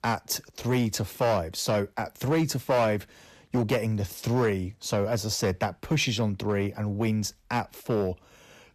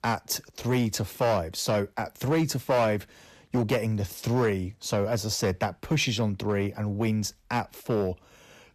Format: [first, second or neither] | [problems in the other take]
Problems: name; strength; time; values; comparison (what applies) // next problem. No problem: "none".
neither | distortion; slight; 6% of the sound clipped; the same in both